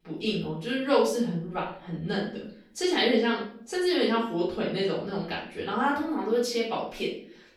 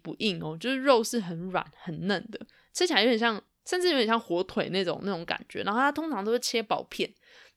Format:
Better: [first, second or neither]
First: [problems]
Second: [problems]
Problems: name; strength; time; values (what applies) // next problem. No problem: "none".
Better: second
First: off-mic speech; far // room echo; noticeable; dies away in 0.5 s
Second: none